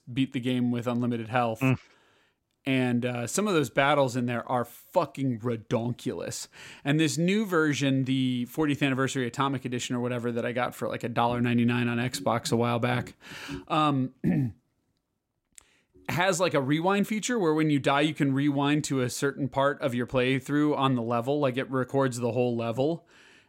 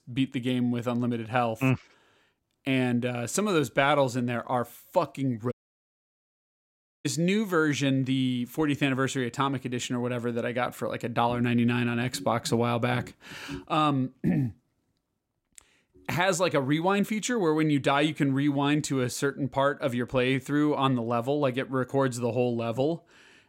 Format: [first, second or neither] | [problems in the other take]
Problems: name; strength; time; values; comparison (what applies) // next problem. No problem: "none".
first | audio cutting out; at 5.5 s for 1.5 s